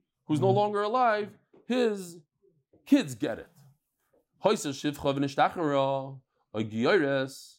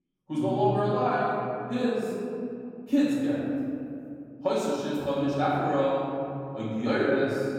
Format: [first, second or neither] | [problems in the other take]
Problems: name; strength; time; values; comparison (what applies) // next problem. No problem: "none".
first | off-mic speech; far // room echo; strong; dies away in 2.8 s